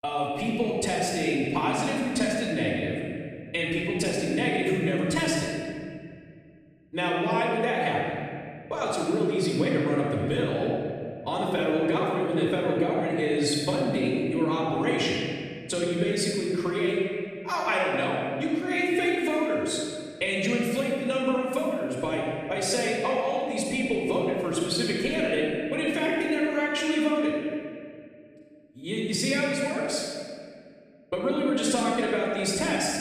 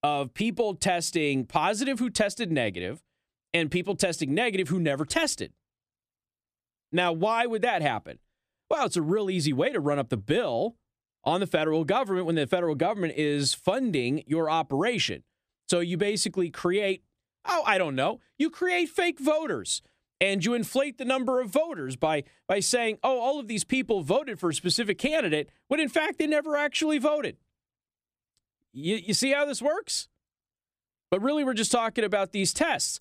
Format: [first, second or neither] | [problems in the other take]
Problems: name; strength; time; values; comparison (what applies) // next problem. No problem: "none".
second | off-mic speech; far // room echo; strong; dies away in 2.1 s